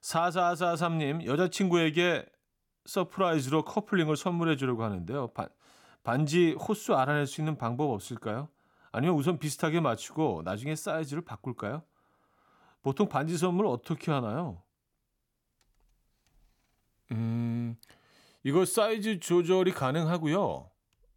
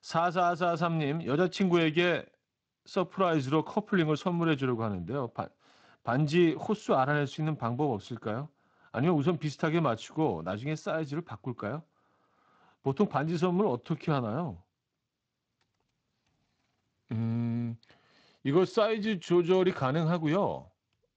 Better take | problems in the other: first | garbled, watery; slightly; nothing above 7.5 kHz

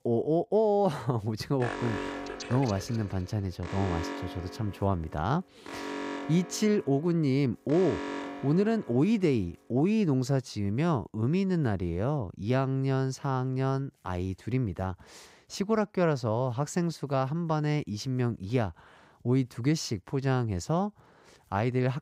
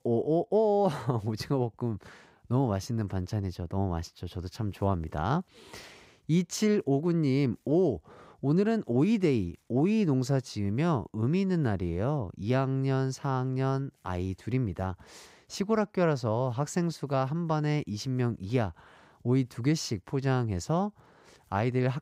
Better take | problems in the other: second | alarm; noticeable; from 1.5 to 9 s; peak 5 dB below the speech

